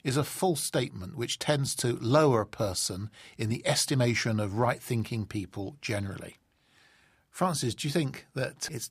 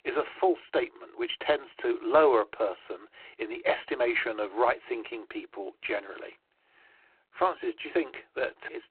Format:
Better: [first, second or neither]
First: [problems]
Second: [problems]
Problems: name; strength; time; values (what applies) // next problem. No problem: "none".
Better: first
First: none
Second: phone-call audio; poor line; nothing above 4 kHz